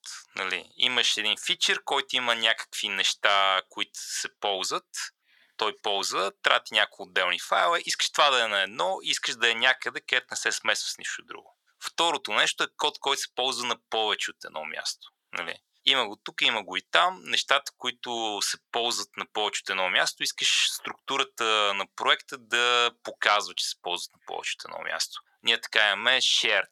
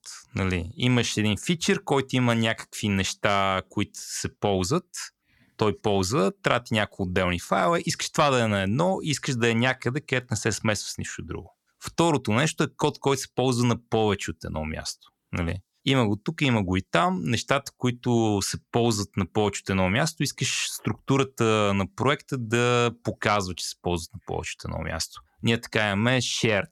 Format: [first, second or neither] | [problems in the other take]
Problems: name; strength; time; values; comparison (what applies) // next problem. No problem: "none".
second | thin; very; fading below 700 Hz